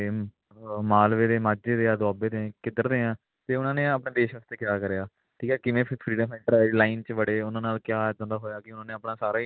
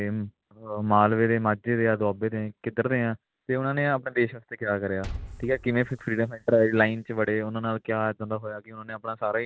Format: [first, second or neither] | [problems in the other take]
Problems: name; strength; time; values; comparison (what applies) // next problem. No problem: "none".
first | background sound (Liquid); 17 dB below the speech